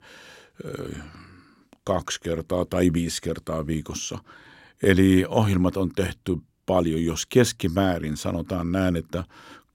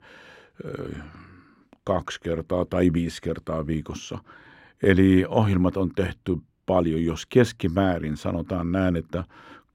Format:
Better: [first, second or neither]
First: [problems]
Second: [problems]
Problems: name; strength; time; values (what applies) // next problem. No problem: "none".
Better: first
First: none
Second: muffled; slightly; fading above 4 kHz